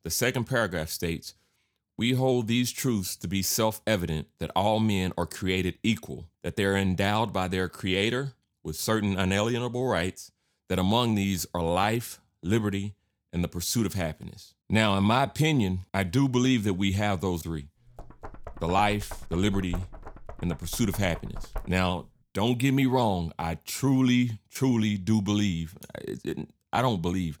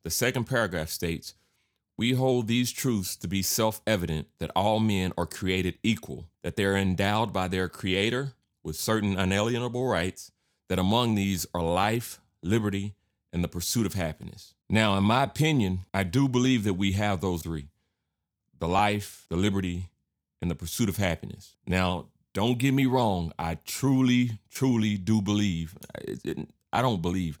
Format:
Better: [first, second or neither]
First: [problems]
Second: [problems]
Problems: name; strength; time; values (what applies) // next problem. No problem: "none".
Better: second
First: door banging; faint; from 18 to 22 s; peak 15 dB below the speech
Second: none